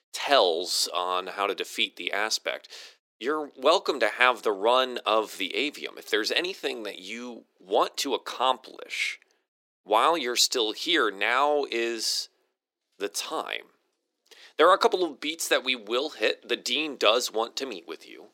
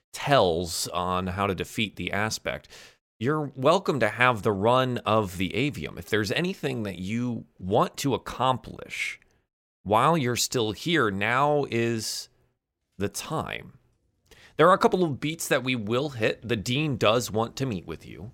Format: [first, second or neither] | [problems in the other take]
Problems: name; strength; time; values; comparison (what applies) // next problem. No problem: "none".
second | thin; somewhat; fading below 300 Hz